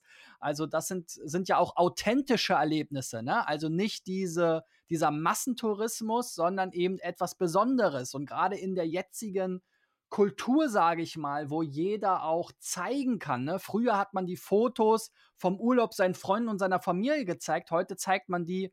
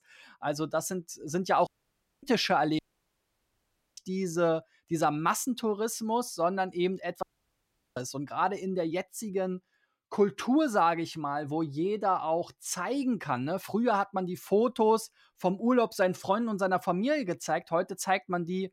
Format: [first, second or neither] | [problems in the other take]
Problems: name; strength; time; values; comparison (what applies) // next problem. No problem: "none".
first | audio cutting out; at 1.5 s for 0.5 s, at 3 s for 1 s and at 7 s for 0.5 s